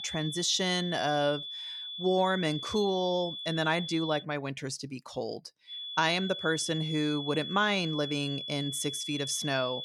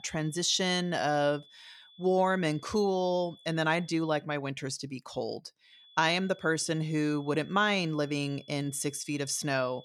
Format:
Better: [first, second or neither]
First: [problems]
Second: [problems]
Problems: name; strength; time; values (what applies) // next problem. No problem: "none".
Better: second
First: high-pitched whine; loud; until 4 s and from 5.5 s on; 3.5 kHz, 6 dB below the speech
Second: high-pitched whine; faint; until 4 s and from 5.5 s on; 3.5 kHz, 25 dB below the speech